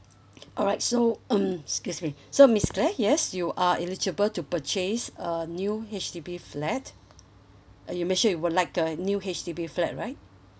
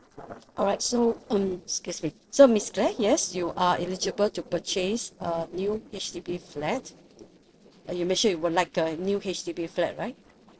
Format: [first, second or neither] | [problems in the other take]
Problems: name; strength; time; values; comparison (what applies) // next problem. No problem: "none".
first | noise reduction (neural separator model SepFormer DNS4)